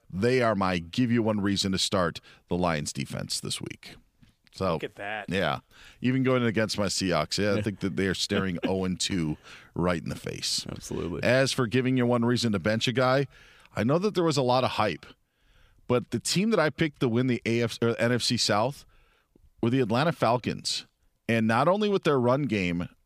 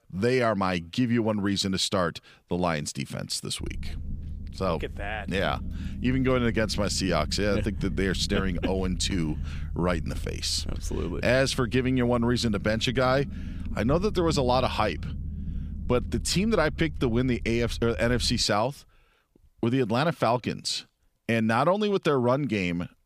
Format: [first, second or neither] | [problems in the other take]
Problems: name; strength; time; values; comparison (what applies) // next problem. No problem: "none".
first | low rumble; faint; from 3.5 to 18 s; 20 dB below the speech